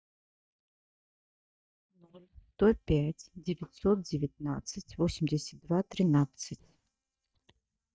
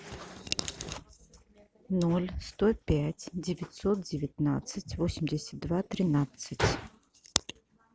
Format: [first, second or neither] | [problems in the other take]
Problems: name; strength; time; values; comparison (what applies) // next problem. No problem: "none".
second | noise reduction (neural mask model DeepFilterNet 3)